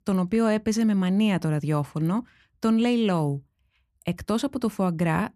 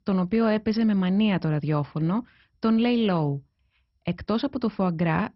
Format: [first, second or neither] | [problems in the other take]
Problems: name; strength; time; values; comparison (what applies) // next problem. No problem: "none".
first | garbled, watery; badly; nothing above 5.5 kHz